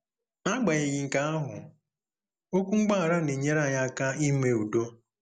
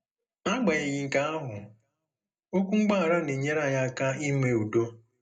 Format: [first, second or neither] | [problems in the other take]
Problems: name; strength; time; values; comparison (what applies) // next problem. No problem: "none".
first | room echo; dies away in 0.2 s